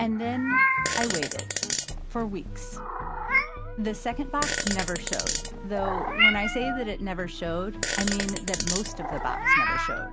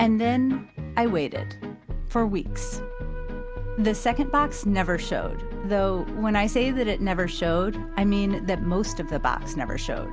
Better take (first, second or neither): second